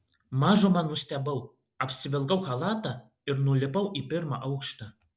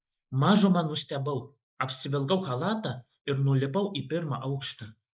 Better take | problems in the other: first | noise reduction (neural mask model Resemble Enhance denoiser)

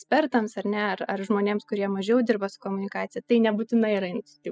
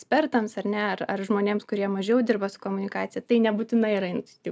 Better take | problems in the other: second | noise reduction (classical method spectral subtraction)

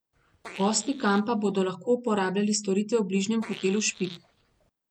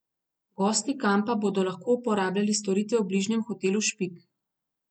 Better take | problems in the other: second | background sound (Fart); 19 dB below the speech

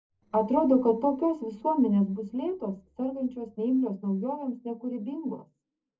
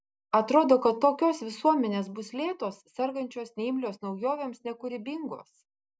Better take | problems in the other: second | noise reduction (neural separator model SepFormer DNS4)

